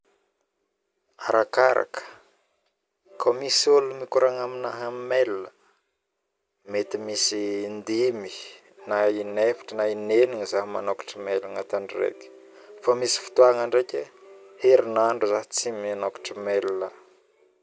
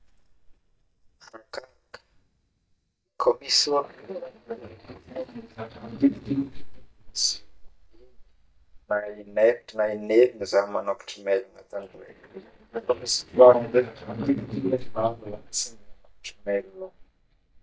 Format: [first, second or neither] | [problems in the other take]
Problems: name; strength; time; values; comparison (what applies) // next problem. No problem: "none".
first | noise reduction (neural mask model DeepFilterNet 3)